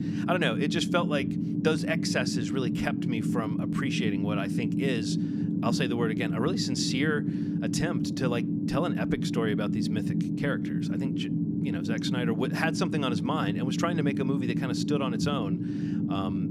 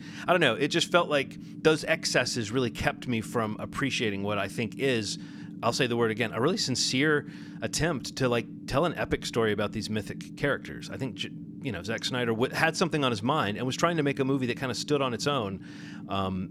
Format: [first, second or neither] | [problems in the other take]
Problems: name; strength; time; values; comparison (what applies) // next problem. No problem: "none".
second | low rumble; loud; throughout; 4 dB below the speech; faint in the second